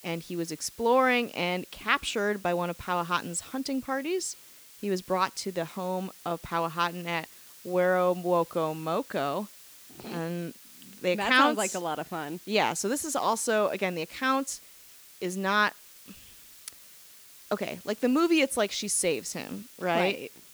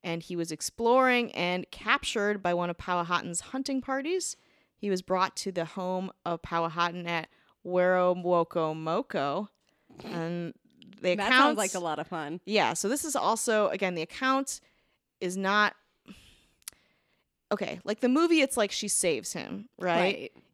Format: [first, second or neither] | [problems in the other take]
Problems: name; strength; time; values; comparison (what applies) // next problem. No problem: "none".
second | hiss; noticeable; throughout; 20 dB below the speech